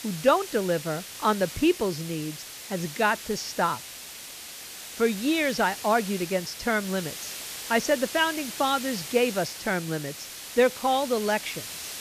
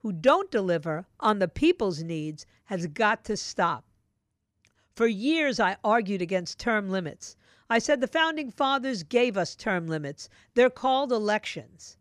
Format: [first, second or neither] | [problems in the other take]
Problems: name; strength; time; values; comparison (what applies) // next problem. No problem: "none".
second | hiss; loud; throughout; 10 dB below the speech